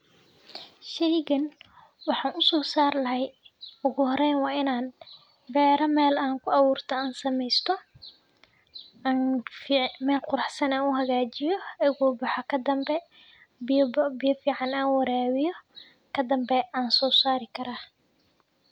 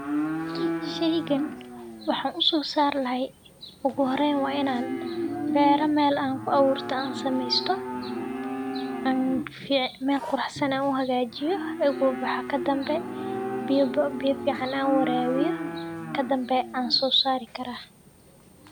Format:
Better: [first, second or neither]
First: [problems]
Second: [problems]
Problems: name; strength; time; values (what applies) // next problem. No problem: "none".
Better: first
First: none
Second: background sound (Livestock, farm animals, working animals); 6 dB below the speech